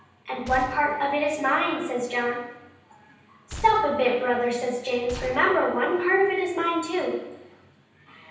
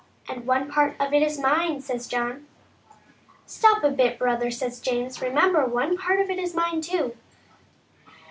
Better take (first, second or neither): second